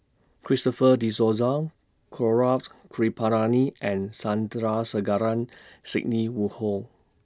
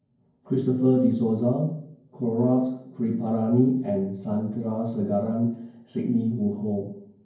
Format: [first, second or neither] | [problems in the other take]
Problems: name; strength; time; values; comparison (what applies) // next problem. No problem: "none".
first | room echo; dies away in 0.9 s